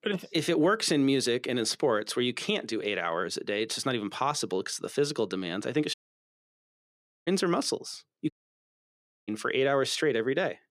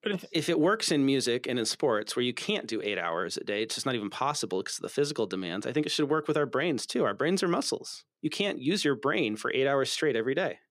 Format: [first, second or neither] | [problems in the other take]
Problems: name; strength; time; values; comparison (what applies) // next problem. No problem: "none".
second | audio cutting out; at 6 s for 1.5 s and at 8.5 s for 1 s